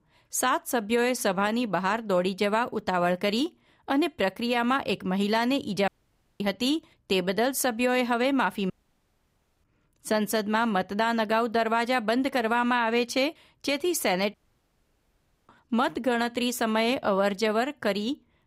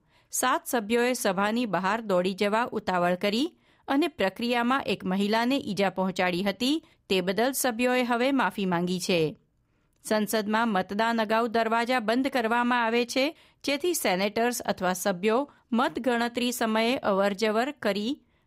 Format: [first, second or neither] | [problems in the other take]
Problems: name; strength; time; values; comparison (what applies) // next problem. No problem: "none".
second | audio cutting out; at 6 s for 0.5 s, at 8.5 s for 1 s and at 14 s for 1 s